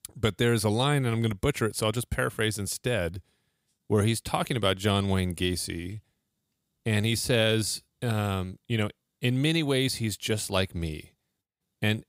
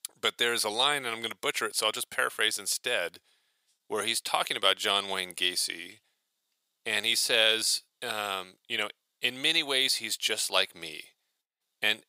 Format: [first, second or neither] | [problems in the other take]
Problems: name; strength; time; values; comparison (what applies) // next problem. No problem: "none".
first | thin; very; fading below 650 Hz